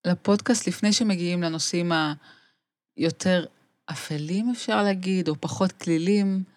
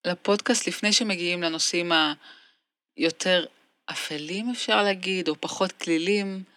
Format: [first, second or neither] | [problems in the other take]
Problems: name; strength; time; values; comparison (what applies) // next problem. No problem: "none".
first | thin; somewhat; fading below 250 Hz